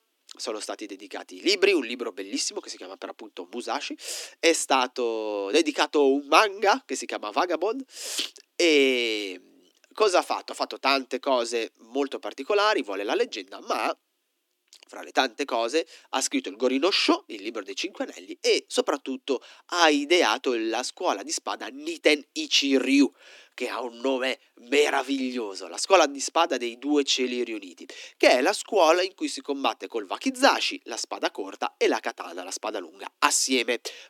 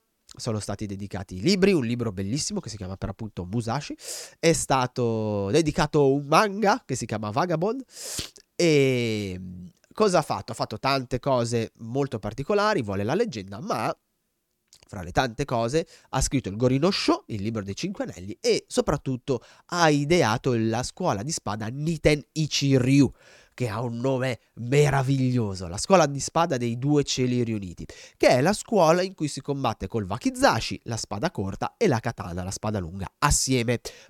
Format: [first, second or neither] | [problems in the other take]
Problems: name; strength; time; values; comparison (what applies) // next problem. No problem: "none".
second | thin; very slightly; fading below 250 Hz